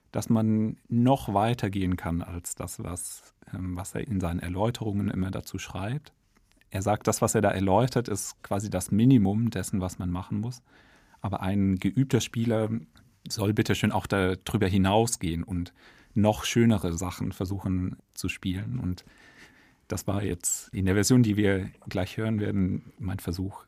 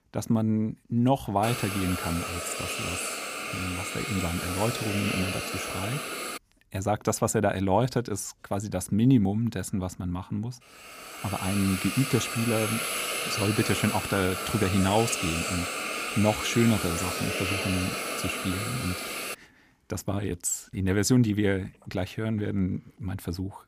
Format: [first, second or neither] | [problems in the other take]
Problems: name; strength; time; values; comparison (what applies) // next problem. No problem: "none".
first | hiss; loud; from 1.5 to 6.5 s and from 11 to 19 s; 3 dB below the speech